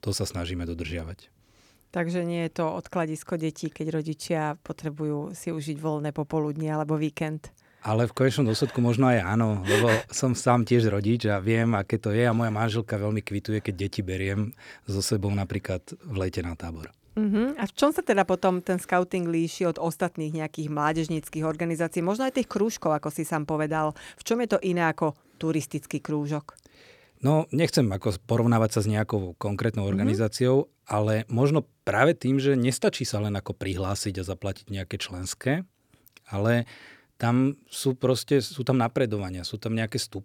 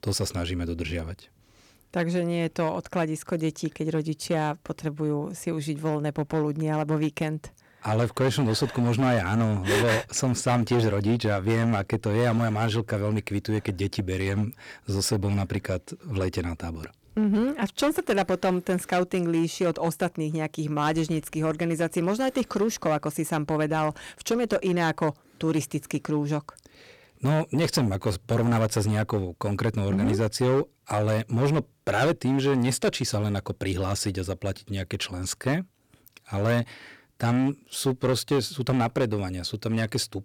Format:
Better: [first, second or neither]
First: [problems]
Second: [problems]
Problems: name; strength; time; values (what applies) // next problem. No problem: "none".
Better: first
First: none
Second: distortion; slight; 7% of the sound clipped